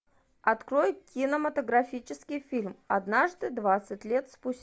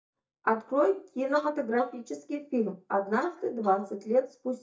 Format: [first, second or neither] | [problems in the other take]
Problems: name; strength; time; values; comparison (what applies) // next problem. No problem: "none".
first | noise reduction (neural mask model DeepFilterNet 3)